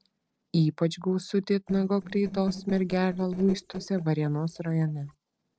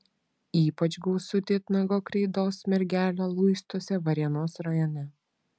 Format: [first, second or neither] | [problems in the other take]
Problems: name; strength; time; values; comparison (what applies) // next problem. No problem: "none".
second | noise reduction (neural separator model SepFormer DNS4)